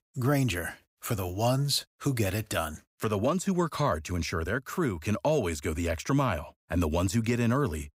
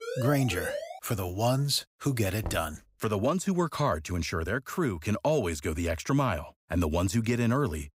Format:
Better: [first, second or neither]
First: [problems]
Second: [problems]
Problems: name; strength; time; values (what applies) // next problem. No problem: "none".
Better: first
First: none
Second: siren; noticeable; at the start; peak 6 dB below the speech // door banging; faint; at 2.5 s; peak 10 dB below the speech